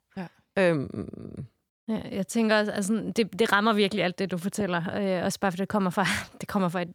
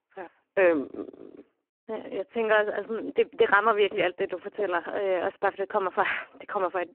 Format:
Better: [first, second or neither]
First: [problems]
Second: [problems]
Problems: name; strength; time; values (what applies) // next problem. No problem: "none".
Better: first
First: none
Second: phone-call audio; poor line